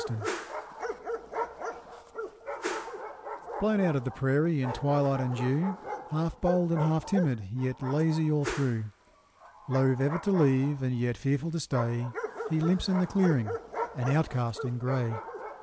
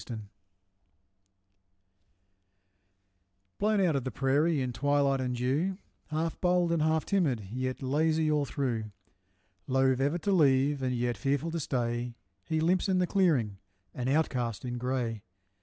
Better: second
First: background sound (Whoosh, swoosh, swish + Bark); 9 dB below the speech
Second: none

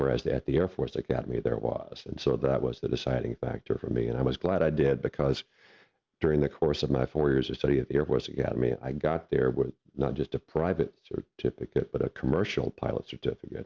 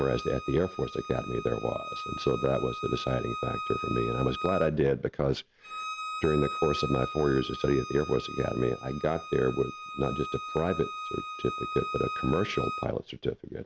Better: first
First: none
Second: background sound (Bowed string instrument); 8 dB below the speech

